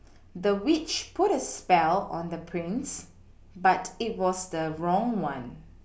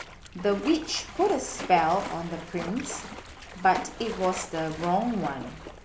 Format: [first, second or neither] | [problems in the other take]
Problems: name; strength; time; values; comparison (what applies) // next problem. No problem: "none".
first | background sound (Splash, splatter); 12 dB below the speech